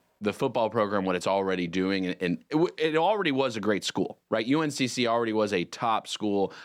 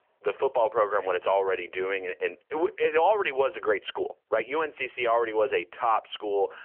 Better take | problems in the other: first | phone-call audio; nothing above 3 kHz

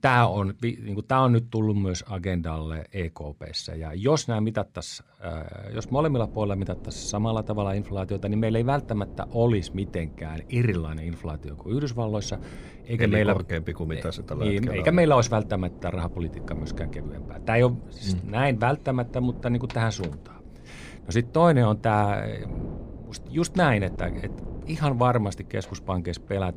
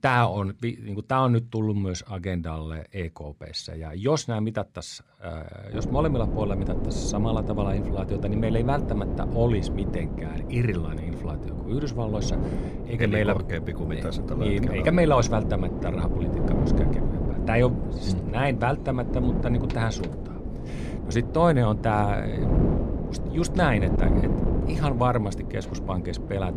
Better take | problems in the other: first | wind noise on the microphone; heavy; from 5.5 s on; 7 dB below the speech; occasional gusts in the first

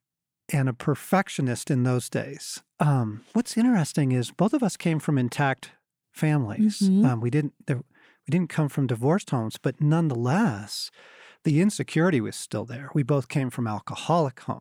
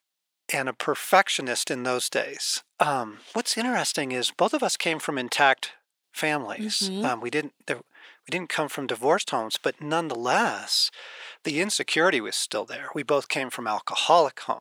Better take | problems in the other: first | thin; very; fading below 600 Hz

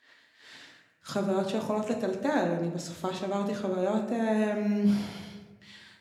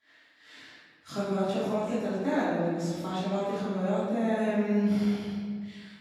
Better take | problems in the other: first | room echo; strong; dies away in 1.6 s; slight in the first // off-mic speech; far

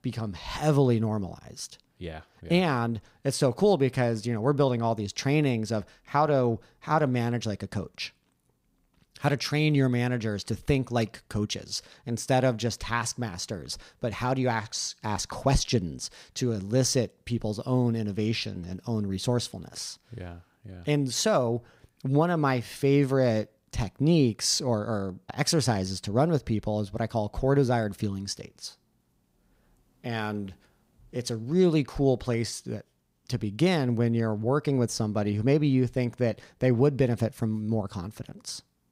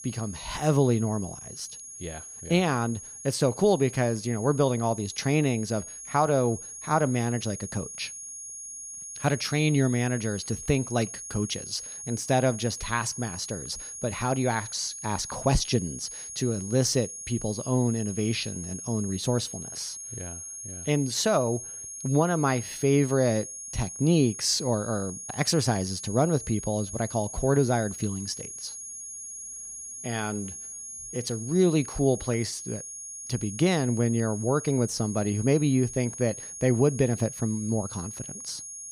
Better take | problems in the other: first | high-pitched whine; loud; throughout; 6.5 kHz, 10 dB below the speech

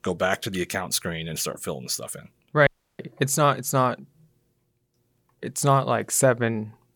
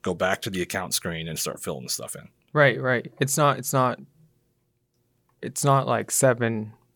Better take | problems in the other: second | audio cutting out; at 2.5 s

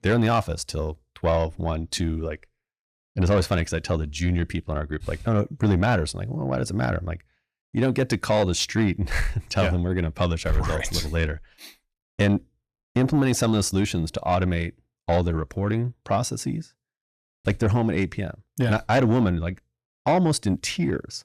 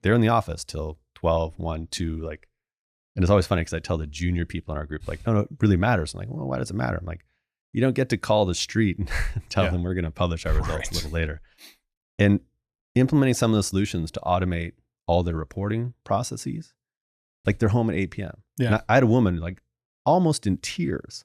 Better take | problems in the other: second | distortion; slight; 10 dB below the speech

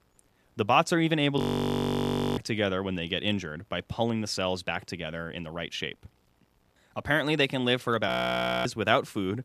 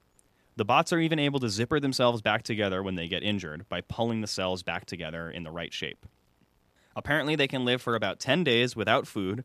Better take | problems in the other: second | audio freezing; at 1.5 s for 1 s and at 8 s for 0.5 s

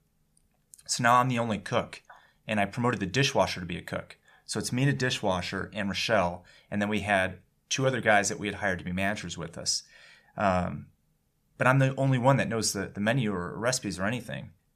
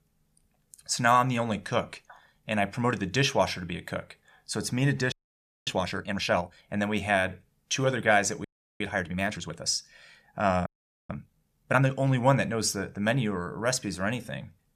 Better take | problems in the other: first | audio freezing; at 5 s for 0.5 s, at 8.5 s and at 11 s

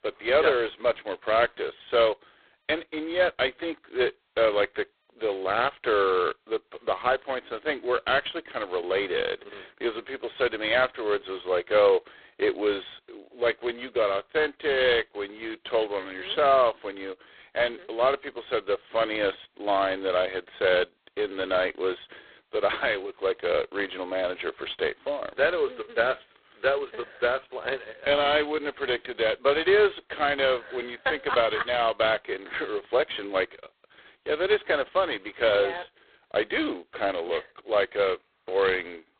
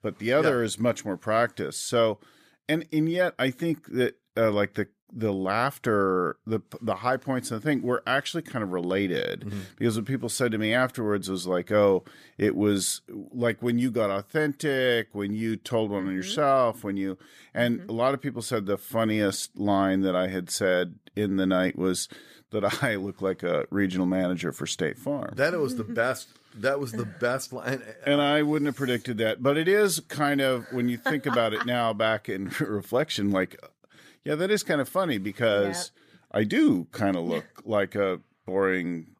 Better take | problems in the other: second | phone-call audio; poor line; nothing above 4 kHz

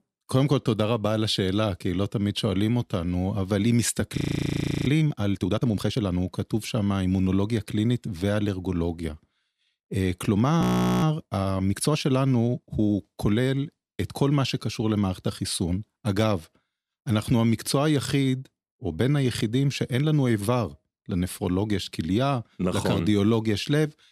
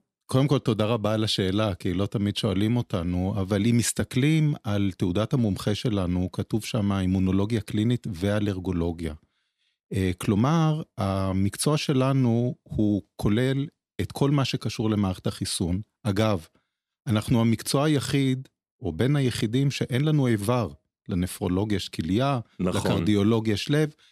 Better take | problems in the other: second | audio freezing; at 4 s for 0.5 s and at 11 s

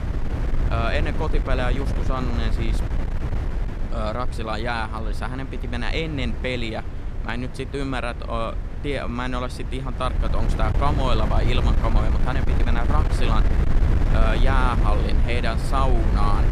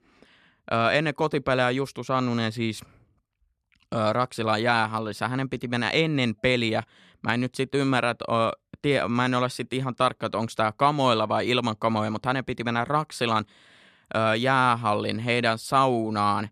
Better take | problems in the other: second | wind noise on the microphone; heavy; 8 dB below the speech

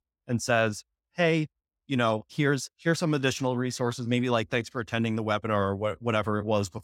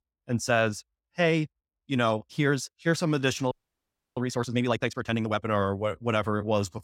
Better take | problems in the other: first | audio freezing; at 3.5 s for 0.5 s

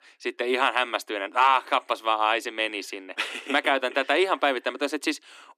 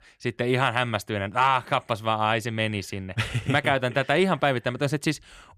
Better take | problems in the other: second | thin; somewhat; fading below 250 Hz

